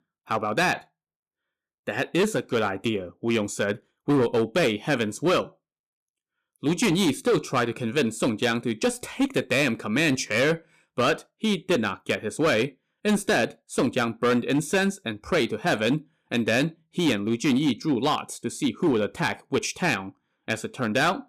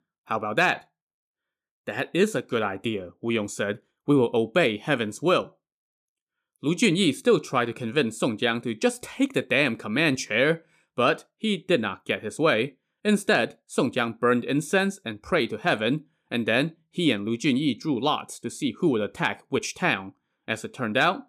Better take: second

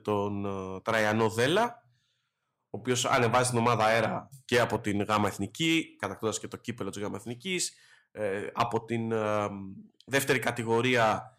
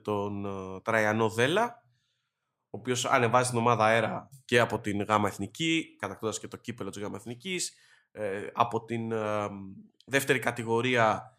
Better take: second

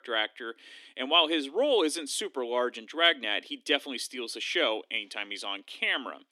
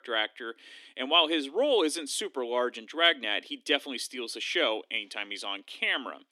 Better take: neither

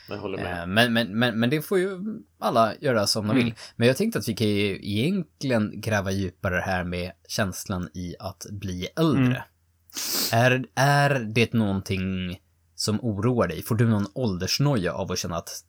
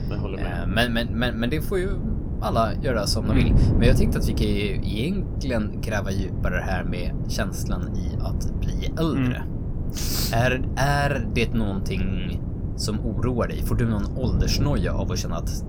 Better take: first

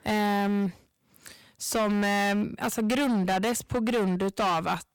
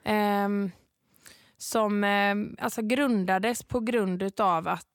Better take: second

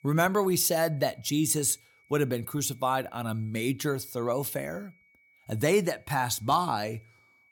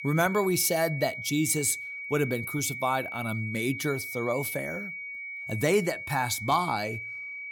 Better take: first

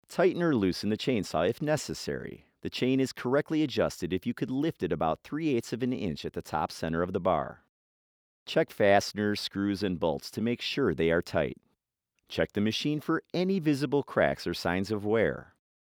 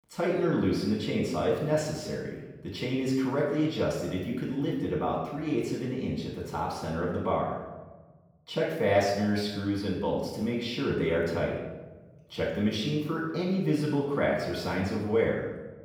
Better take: first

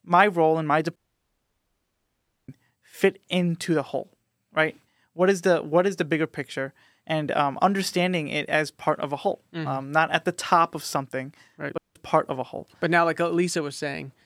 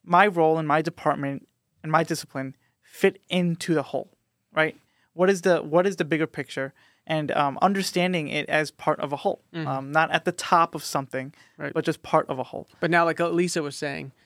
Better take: second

